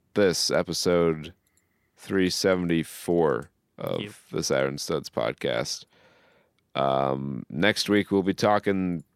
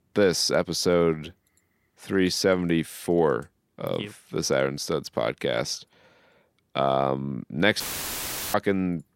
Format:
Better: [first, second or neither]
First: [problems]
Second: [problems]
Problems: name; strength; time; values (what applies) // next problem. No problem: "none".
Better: first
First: none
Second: audio cutting out; filled with static; at 8 s for 0.5 s